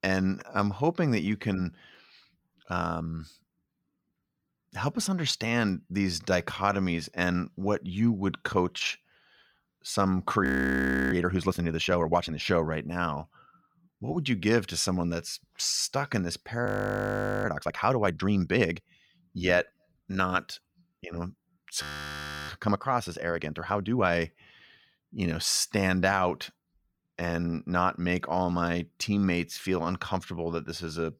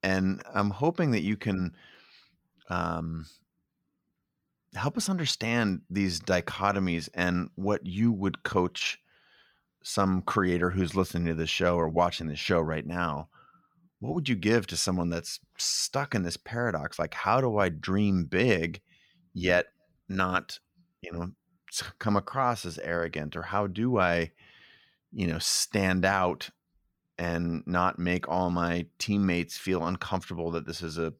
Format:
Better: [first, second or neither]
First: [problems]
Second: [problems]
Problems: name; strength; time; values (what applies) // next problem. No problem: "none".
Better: second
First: audio freezing; at 10 s for 0.5 s, at 17 s for 1 s and at 22 s for 0.5 s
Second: none